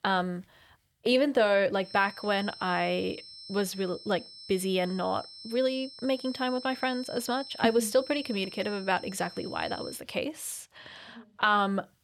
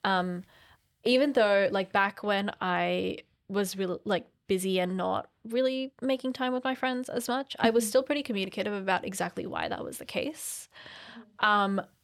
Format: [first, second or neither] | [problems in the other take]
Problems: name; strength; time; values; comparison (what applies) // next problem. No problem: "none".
second | high-pitched whine; noticeable; from 2 to 10 s; 5.5 kHz, 15 dB below the speech